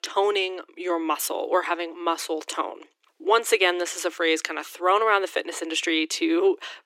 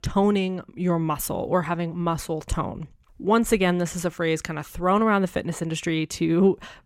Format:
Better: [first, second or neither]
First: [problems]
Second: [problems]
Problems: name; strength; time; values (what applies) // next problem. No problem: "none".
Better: second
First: thin; very; fading below 300 Hz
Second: none